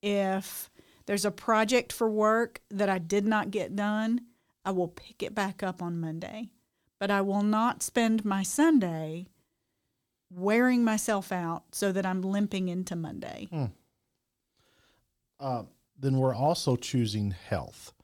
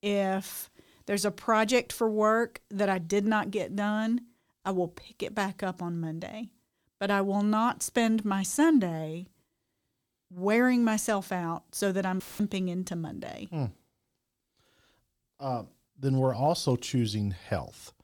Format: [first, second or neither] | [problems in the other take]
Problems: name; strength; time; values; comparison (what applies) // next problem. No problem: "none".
first | audio cutting out; filled with static; at 12 s